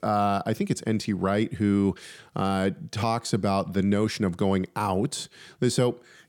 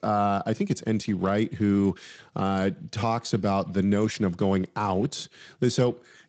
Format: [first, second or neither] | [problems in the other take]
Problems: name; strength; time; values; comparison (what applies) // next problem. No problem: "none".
first | garbled, watery; slightly; nothing above 8 kHz